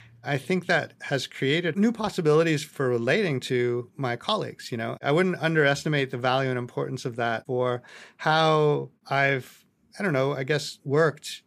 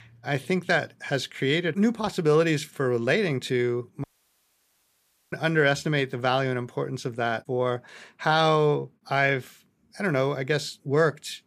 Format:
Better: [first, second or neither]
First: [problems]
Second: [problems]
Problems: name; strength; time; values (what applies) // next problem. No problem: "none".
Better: first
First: none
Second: audio cutting out; at 4 s for 1.5 s